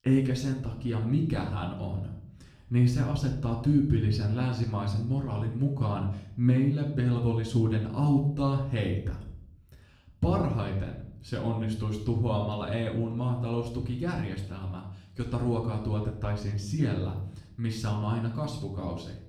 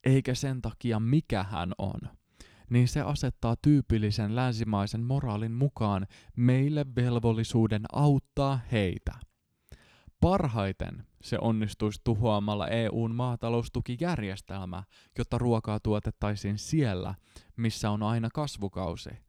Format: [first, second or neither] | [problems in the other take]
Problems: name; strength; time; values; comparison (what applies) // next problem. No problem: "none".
second | off-mic speech; far // room echo; slight; dies away in 0.6 s